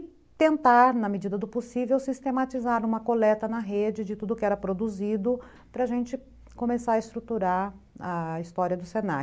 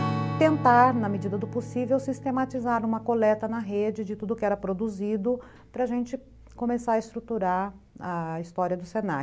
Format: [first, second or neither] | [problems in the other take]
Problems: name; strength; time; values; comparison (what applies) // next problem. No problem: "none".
first | background sound (Strum); 11 dB below the speech